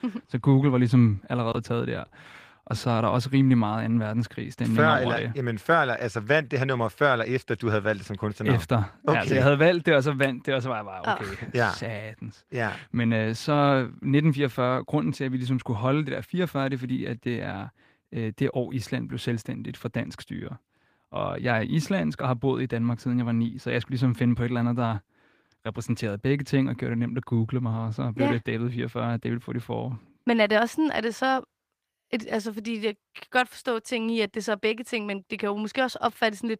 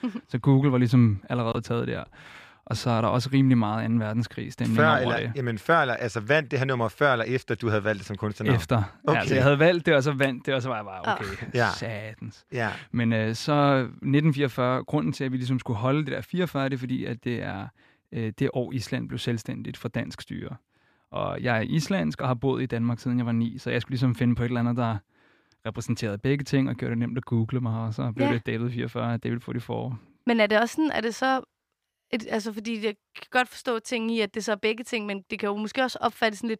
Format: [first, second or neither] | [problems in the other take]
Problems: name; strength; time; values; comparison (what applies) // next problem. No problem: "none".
second | garbled, watery; slightly; nothing above 15 kHz